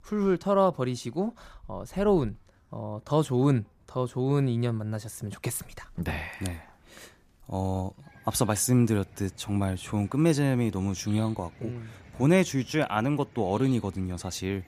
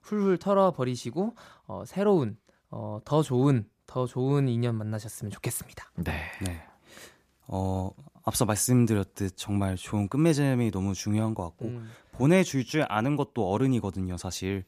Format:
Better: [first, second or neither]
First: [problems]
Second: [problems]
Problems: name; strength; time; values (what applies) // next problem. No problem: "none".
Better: second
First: animal sounds; faint; throughout; 25 dB below the speech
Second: none